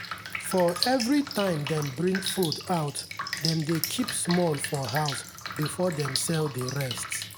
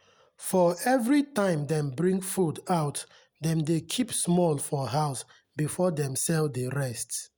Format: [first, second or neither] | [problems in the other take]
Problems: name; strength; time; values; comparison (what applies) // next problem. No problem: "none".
second | background sound (Drip); 7 dB below the speech